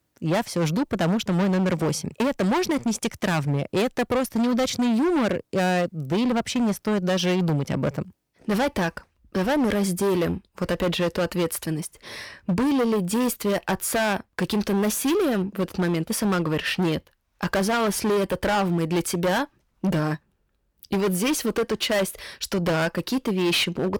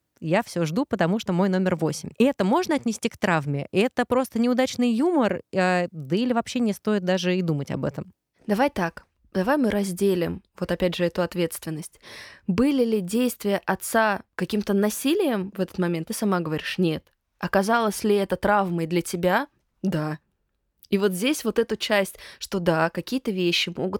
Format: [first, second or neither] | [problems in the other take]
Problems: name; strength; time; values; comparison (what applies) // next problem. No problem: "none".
second | distortion; heavy; 19% of the sound clipped